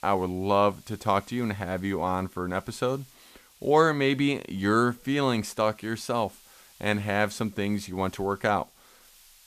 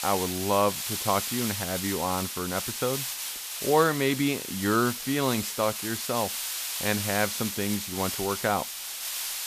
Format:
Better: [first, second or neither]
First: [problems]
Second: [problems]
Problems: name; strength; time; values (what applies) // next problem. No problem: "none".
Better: first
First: hiss; faint; throughout; 25 dB below the speech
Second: hiss; loud; throughout; 3 dB below the speech